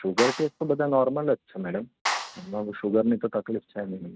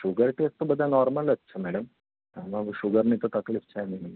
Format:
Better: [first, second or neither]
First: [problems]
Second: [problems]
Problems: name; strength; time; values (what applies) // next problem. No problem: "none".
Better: second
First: noise reduction (neural mask model RNNoise)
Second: none